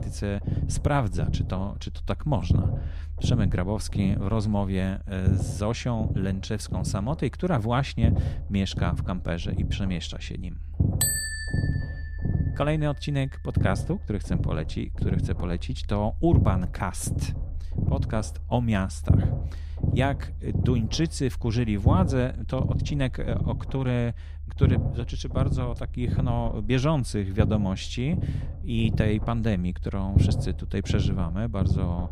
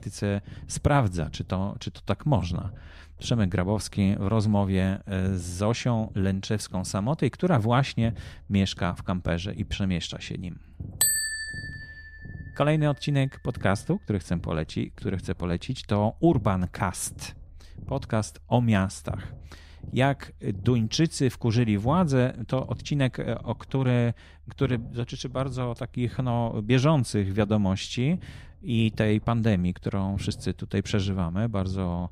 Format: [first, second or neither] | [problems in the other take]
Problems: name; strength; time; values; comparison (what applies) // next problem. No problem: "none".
second | low rumble; loud; throughout; 8 dB below the speech; faint in the second